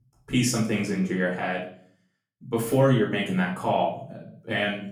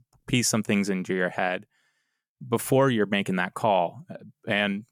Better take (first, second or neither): second